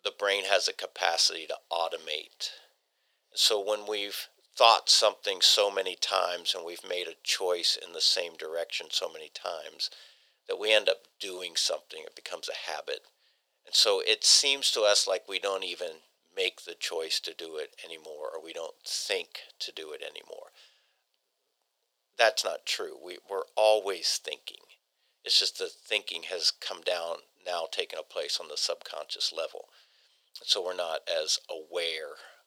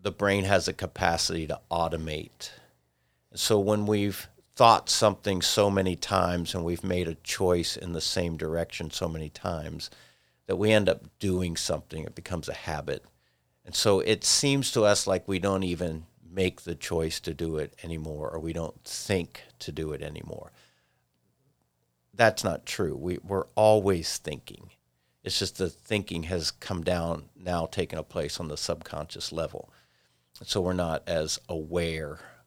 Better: second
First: thin; very; fading below 500 Hz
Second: none

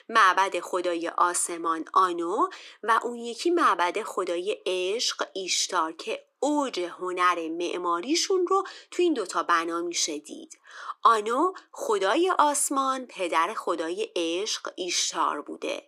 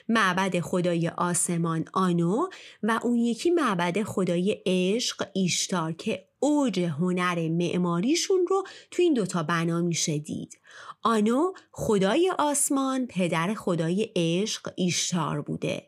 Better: second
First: thin; very; fading below 300 Hz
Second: none

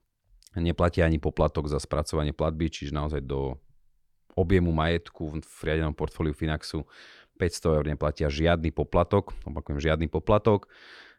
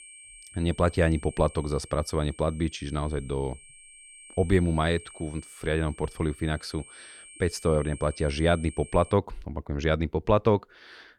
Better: first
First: none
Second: high-pitched whine; noticeable; until 9 s; 8.5 kHz, 20 dB below the speech

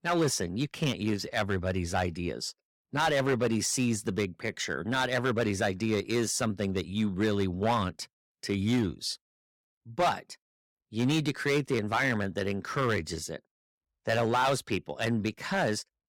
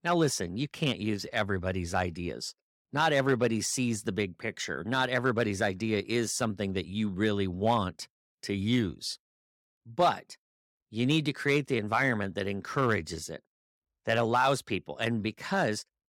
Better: second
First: distortion; slight; 5% of the sound clipped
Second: none

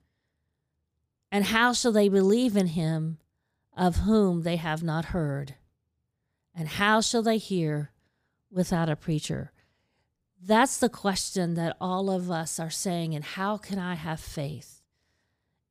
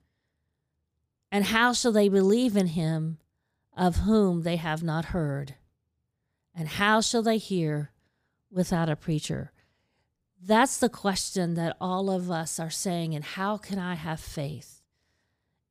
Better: neither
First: none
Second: none

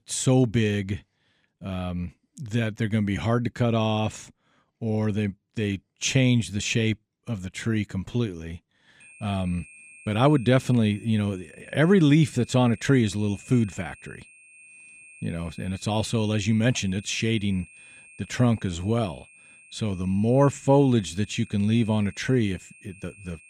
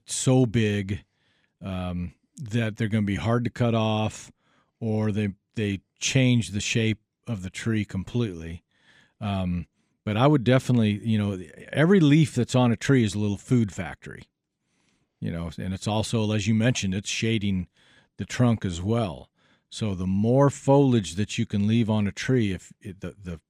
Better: second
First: high-pitched whine; faint; from 9 s on; 2.5 kHz, 25 dB below the speech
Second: none

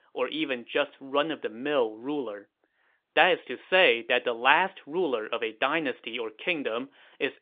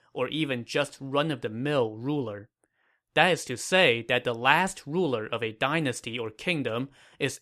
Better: second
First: phone-call audio; nothing above 3 kHz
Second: none

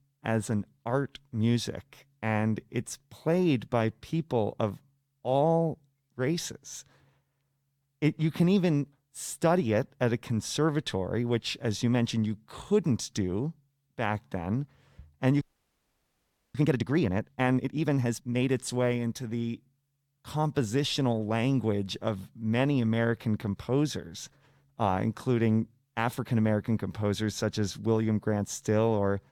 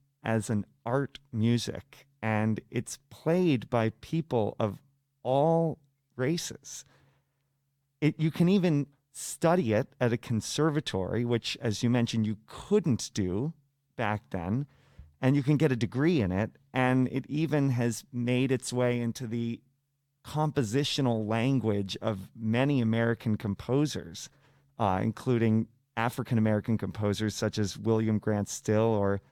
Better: second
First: audio freezing; at 15 s for 1 s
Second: none

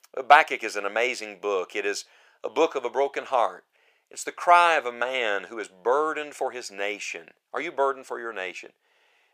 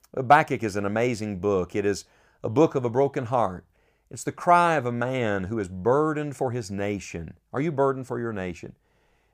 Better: second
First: thin; very; fading below 450 Hz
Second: none

